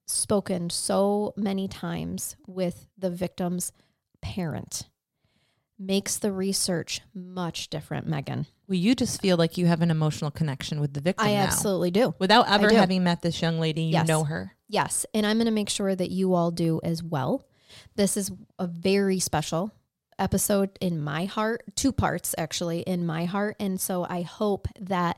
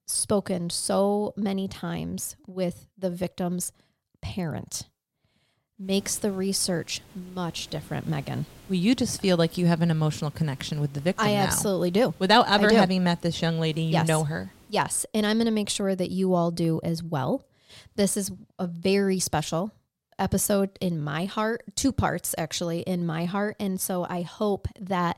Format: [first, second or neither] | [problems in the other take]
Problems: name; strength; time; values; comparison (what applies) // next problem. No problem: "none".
first | hiss; faint; from 6 to 15 s; 25 dB below the speech